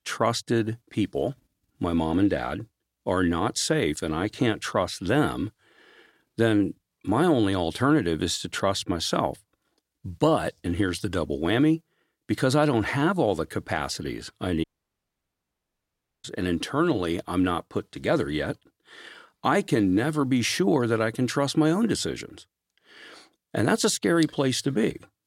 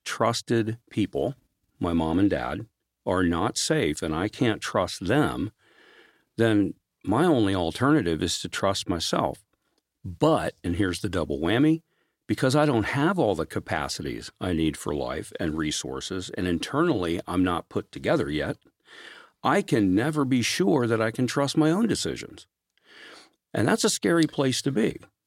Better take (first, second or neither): second